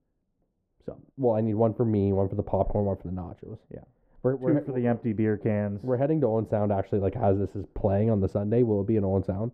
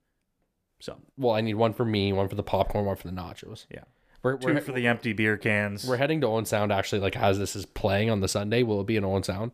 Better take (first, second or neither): second